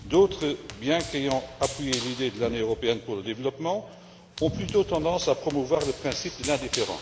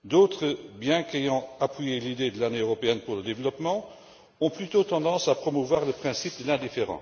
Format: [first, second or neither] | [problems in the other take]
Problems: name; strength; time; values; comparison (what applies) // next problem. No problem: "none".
second | background sound (Run); 11 dB below the speech